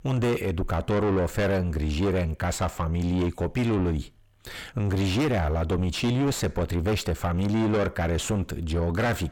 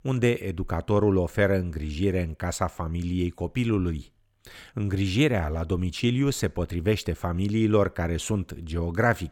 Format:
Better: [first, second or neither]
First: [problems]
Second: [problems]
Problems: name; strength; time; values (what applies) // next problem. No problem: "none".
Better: second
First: distortion; heavy; 4 dB below the speech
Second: none